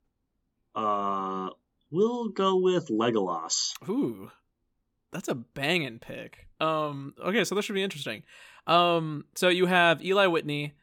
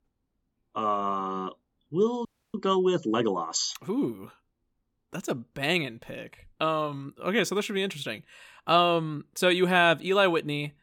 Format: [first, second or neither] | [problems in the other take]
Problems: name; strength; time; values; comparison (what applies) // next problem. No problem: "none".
first | audio freezing; at 2.5 s